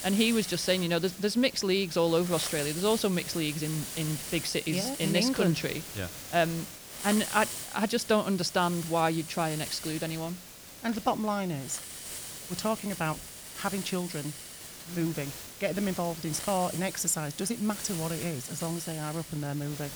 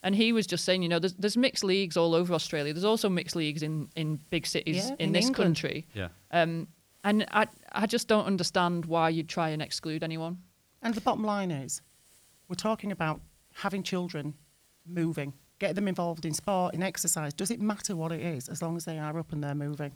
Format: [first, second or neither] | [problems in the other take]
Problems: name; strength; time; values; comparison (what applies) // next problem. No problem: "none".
second | hiss; loud; throughout; 8 dB below the speech; faint in the second